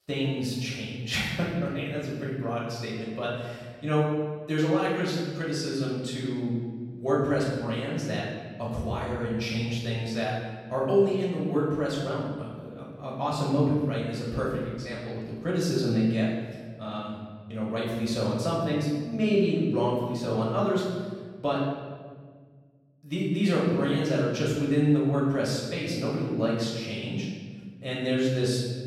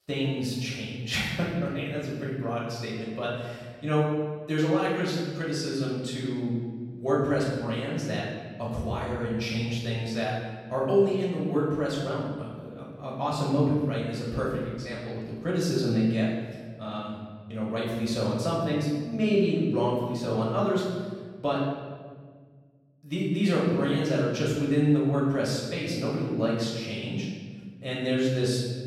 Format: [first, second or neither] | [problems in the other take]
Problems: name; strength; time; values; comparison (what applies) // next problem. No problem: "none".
neither | off-mic speech; far; the same in both // room echo; noticeable; dies away in 1.4 s; the same in both